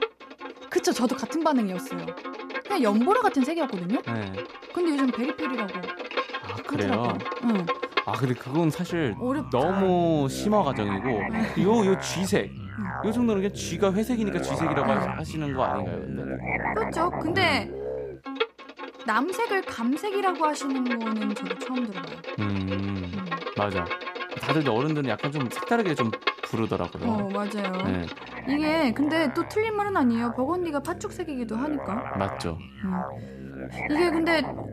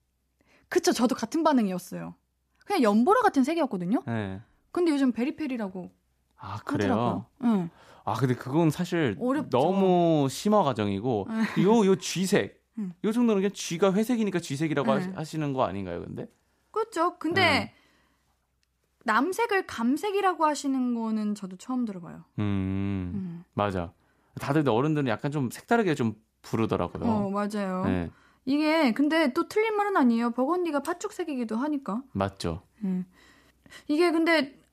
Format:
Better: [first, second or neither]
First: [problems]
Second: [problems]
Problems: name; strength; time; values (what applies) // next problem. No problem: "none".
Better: second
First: background music; loud; throughout; 7 dB below the speech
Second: none